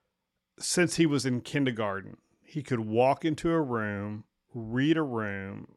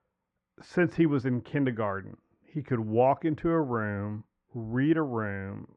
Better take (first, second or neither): first